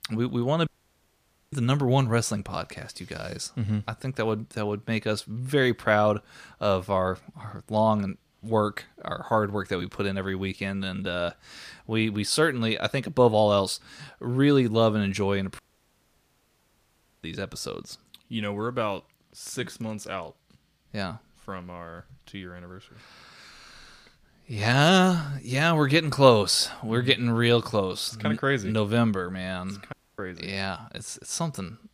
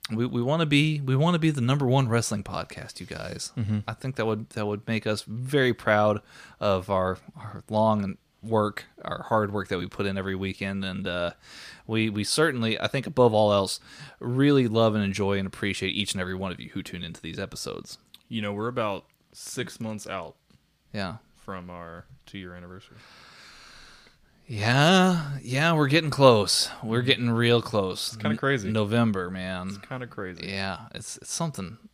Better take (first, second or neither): second